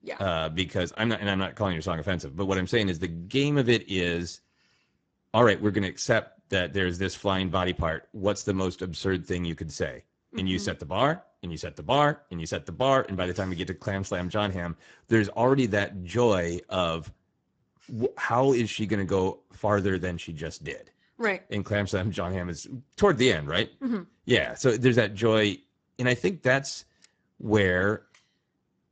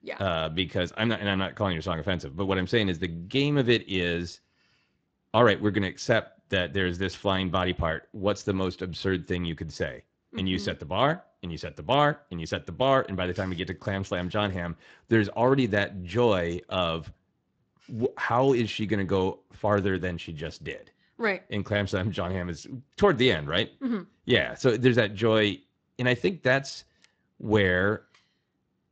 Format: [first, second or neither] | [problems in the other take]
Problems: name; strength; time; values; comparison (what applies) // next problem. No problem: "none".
second | garbled, watery; badly; nothing above 7.5 kHz; slightly in the second